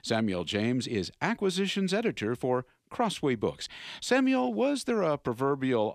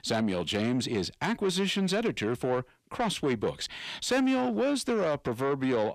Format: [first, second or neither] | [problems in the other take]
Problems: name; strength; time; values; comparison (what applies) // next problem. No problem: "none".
first | distortion; slight; 10 dB below the speech